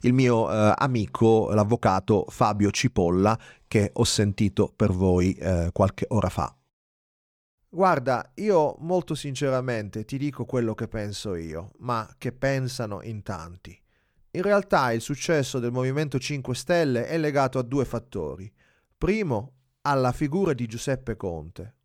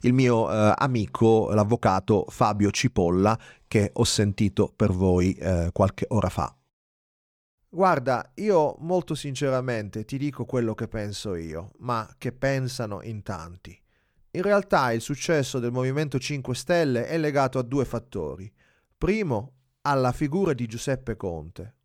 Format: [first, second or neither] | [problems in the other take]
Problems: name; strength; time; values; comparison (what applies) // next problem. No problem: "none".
neither | none